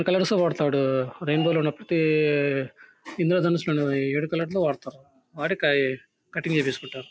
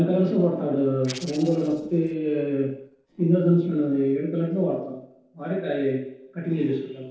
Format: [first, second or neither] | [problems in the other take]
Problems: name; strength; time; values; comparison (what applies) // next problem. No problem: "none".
first | noise reduction (neural separator model SepFormer DNS4)